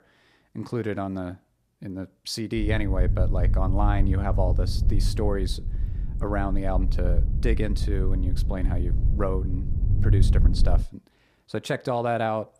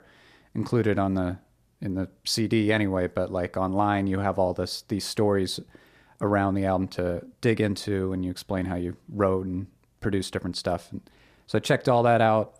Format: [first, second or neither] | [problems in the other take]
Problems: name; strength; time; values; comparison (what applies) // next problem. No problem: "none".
second | low rumble; noticeable; from 2.5 to 11 s; 10 dB below the speech